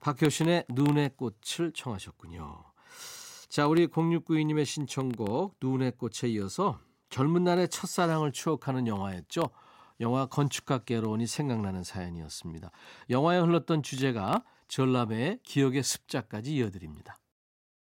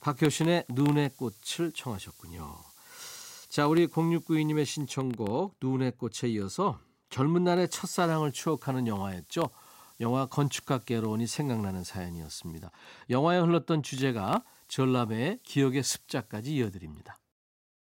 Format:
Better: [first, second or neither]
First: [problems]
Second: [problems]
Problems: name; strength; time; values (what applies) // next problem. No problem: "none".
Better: first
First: none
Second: hiss; faint; until 5 s, from 7.5 to 13 s and from 14 to 17 s; 25 dB below the speech